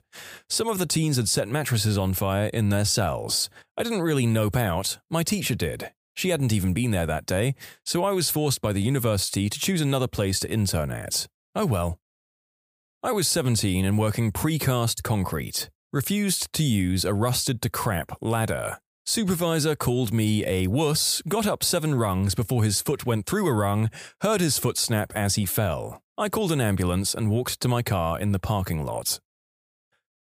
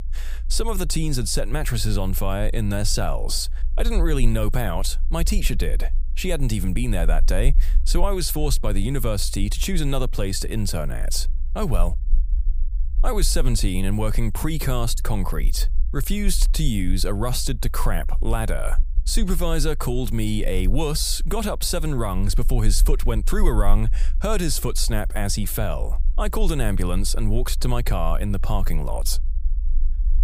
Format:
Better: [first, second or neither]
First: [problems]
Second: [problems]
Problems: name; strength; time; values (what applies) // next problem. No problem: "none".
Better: first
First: none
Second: low rumble; faint; throughout; 25 dB below the speech